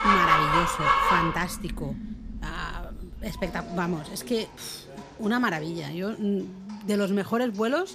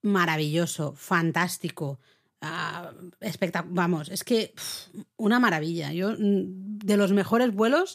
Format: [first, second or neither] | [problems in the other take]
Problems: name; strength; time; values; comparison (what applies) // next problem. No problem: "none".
second | animal sounds; very loud; throughout; 5 dB above the speech